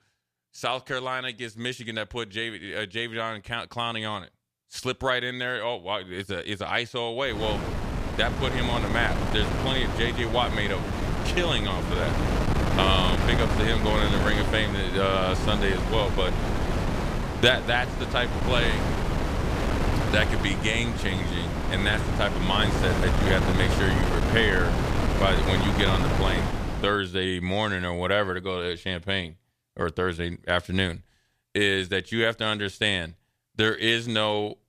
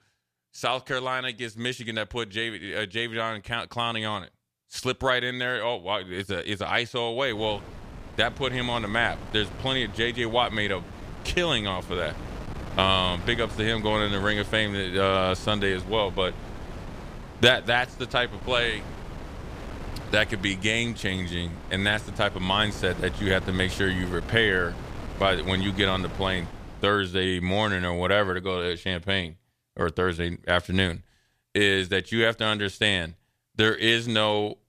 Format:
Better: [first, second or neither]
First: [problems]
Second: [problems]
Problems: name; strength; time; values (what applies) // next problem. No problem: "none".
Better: second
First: wind noise on the microphone; heavy; from 7.5 to 27 s; 4 dB below the speech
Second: wind noise on the microphone; occasional gusts; from 7.5 to 27 s; 15 dB below the speech